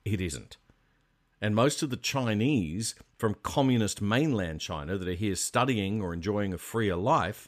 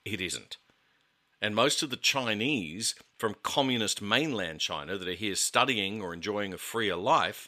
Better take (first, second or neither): first